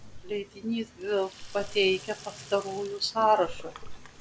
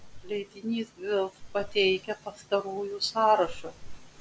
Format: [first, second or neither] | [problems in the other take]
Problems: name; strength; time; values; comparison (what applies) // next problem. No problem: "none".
second | background sound (Sink (filling or washing)); 20 dB below the speech